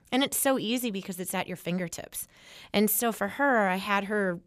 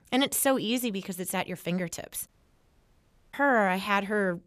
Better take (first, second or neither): first